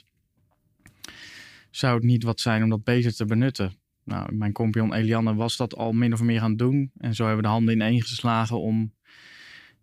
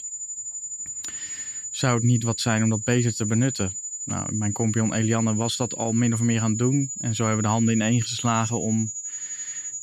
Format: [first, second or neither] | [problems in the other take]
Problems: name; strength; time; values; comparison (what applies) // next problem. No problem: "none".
first | high-pitched whine; loud; throughout; 7 kHz, 6 dB below the speech